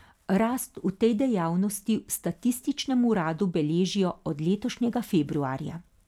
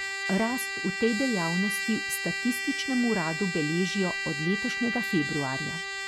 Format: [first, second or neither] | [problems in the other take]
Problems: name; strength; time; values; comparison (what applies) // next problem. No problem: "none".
first | background sound (Trumpet); 3 dB below the speech